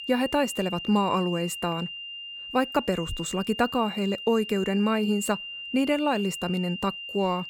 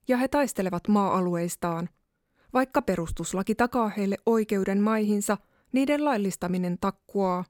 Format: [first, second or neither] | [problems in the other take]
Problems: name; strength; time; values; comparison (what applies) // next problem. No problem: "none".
second | high-pitched whine; loud; throughout; 3 kHz, 8 dB below the speech